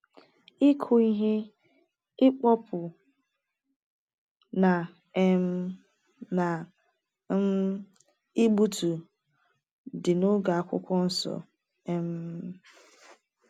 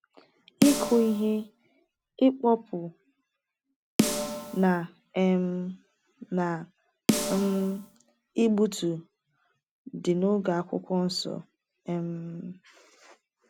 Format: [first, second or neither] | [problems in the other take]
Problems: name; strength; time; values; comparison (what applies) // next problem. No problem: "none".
first | background sound (Snare drum); 3 dB below the speech